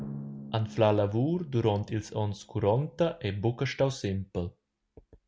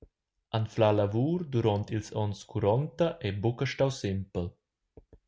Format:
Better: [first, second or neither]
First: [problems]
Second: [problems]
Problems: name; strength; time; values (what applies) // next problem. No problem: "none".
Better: second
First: background sound (Drum); 17 dB below the speech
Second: none